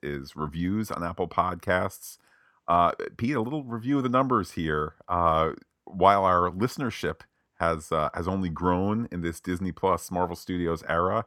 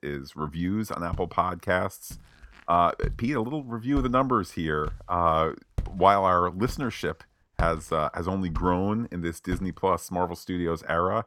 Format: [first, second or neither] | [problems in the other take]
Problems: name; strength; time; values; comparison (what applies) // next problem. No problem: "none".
first | footsteps; noticeable; from 1 to 9.5 s; peak 8 dB below the speech